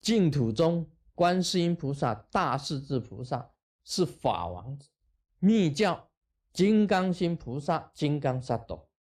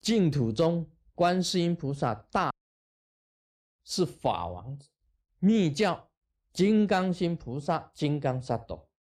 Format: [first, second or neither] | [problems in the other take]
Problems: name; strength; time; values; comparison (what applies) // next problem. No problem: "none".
first | audio cutting out; at 2.5 s for 1 s